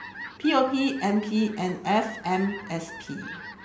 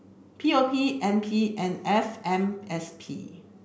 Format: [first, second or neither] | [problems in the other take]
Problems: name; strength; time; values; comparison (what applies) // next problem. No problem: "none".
second | background sound (Fowl); 14 dB below the speech